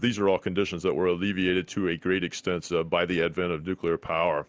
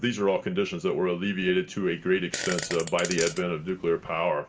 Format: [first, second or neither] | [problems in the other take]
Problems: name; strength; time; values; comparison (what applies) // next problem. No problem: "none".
first | background sound (Fart); 10 dB below the speech // room echo; dies away in 0.8 s